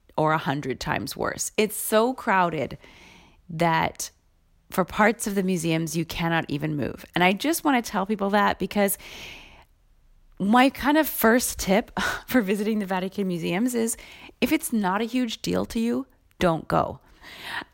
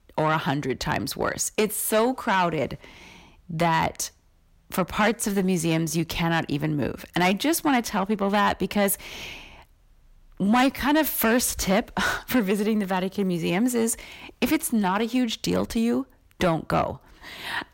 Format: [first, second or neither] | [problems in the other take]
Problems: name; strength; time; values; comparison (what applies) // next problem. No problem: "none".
first | distortion; slight; 10 dB below the speech